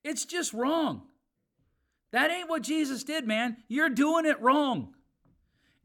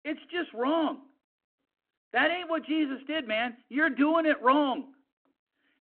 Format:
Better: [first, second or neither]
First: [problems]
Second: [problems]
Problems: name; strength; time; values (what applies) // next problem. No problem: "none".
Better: first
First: none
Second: phone-call audio